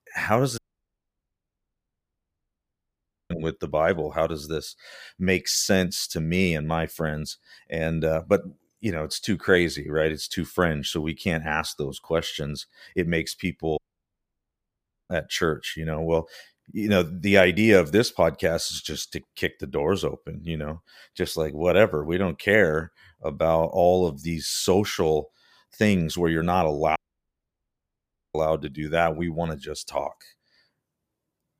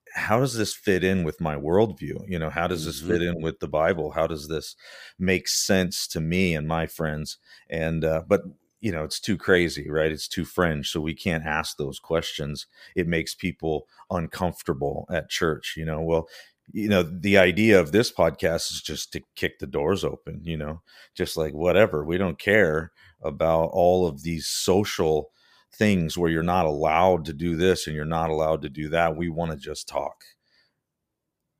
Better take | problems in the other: second | audio cutting out; at 0.5 s for 2.5 s, at 14 s for 1.5 s and at 27 s for 1.5 s

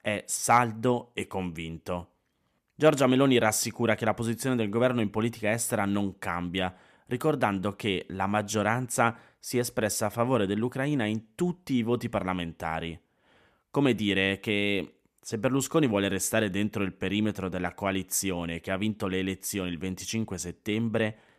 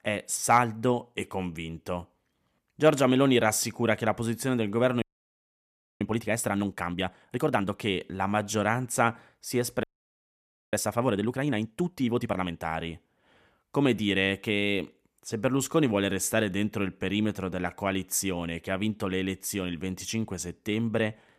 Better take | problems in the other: first | audio freezing; at 5 s for 1 s and at 10 s for 1 s

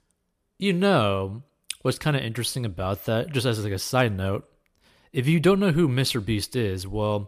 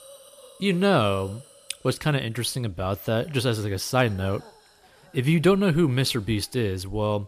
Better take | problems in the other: first | hiss; faint; throughout; 25 dB below the speech

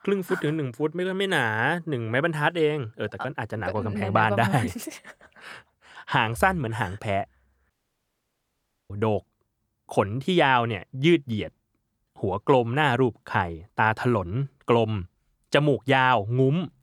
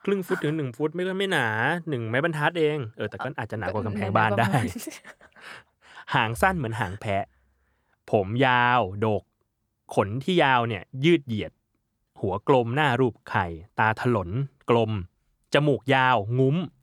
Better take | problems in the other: second | audio cutting out; at 7.5 s for 1 s

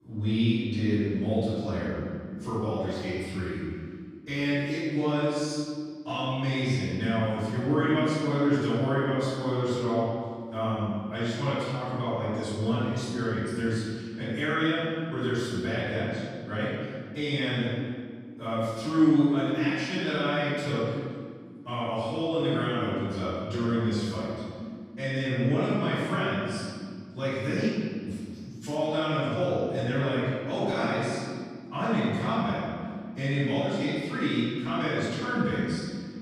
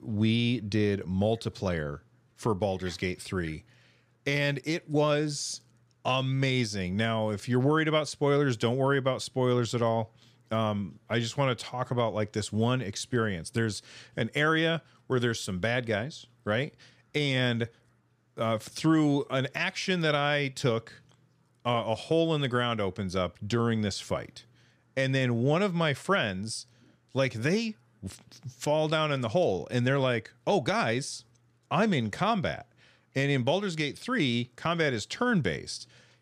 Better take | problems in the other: second | off-mic speech; far // room echo; strong; dies away in 2.1 s

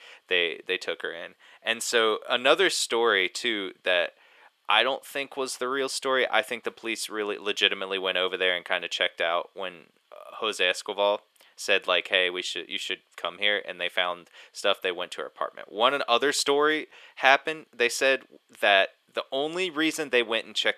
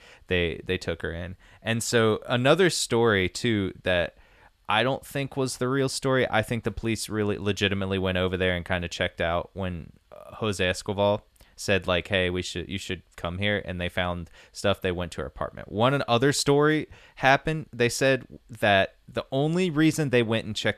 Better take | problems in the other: second | thin; somewhat; fading below 350 Hz

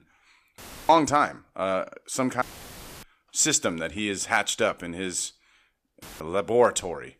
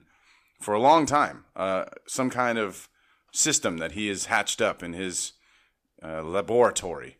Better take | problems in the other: second | audio cutting out; filled with static; at 0.5 s, at 2.5 s for 0.5 s and at 6 s

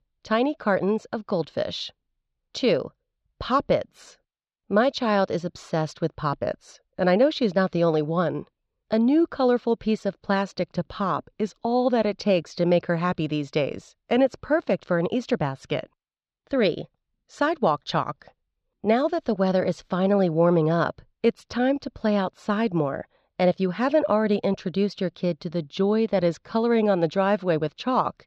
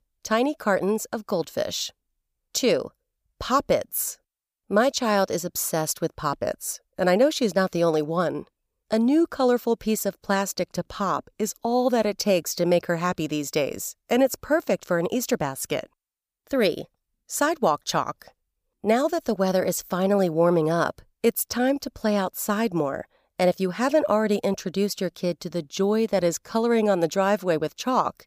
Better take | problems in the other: second | muffled; slightly; fading above 4 kHz

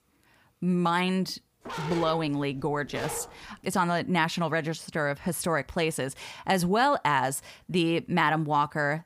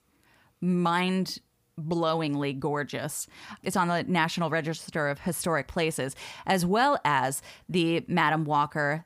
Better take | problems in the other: second | dog barking; noticeable; from 1.5 to 3.5 s; peak 8 dB below the speech

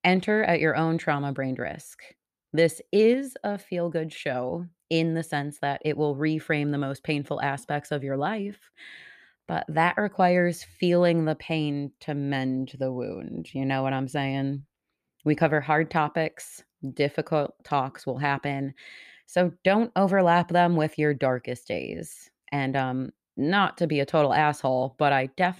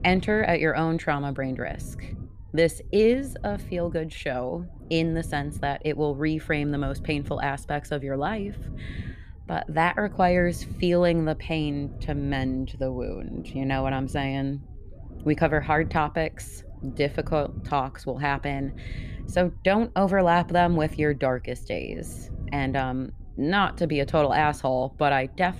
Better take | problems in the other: first | low rumble; faint; throughout; 25 dB below the speech

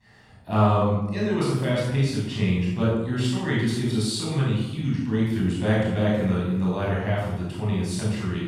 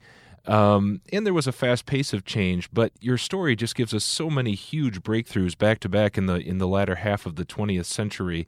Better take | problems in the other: second | room echo; strong; dies away in 0.8 s // off-mic speech; far

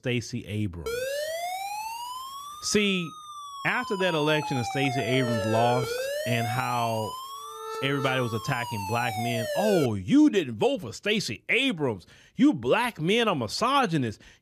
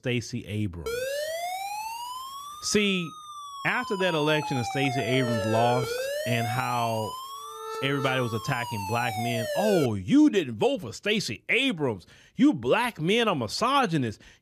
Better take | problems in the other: neither | siren; noticeable; from 1 to 10 s; peak 3 dB below the speech; the same in both

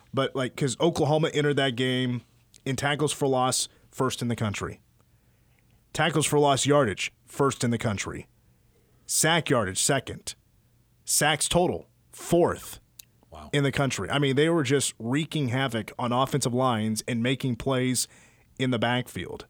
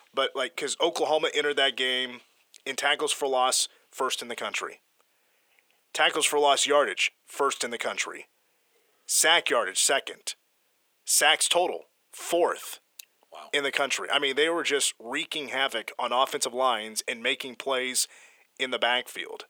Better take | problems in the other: first | thin; very; fading below 450 Hz

